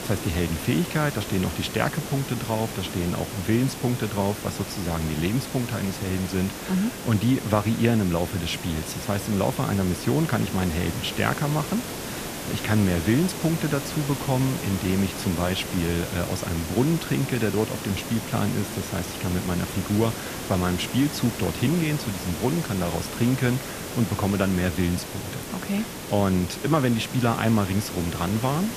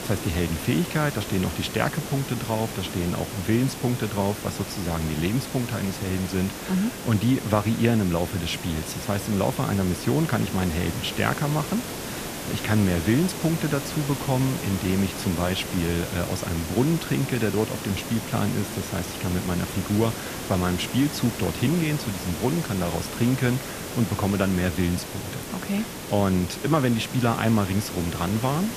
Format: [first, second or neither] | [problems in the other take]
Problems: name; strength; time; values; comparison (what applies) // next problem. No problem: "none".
neither | hiss; loud; throughout; 7 dB below the speech; the same in both